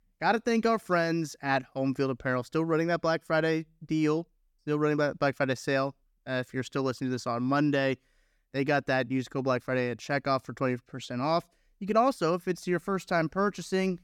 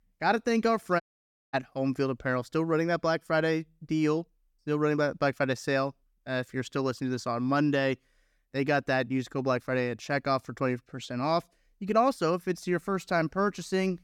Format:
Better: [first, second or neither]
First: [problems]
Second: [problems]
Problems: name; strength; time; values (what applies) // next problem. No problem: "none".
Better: first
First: none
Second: audio cutting out; at 1 s for 0.5 s